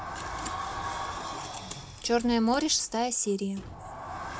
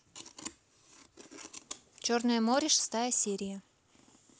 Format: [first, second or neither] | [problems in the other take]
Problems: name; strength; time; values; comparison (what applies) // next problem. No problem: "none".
second | background sound (Sliding door); 8 dB below the speech // room echo; dies away in 0.3 s